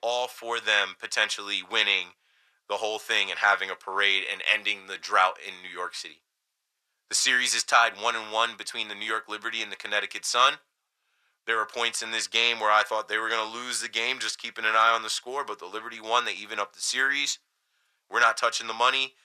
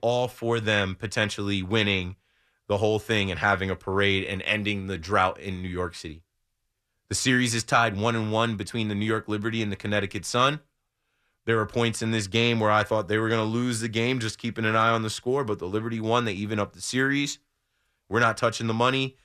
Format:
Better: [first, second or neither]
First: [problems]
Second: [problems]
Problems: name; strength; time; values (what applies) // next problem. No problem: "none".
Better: second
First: thin; very; fading below 850 Hz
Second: none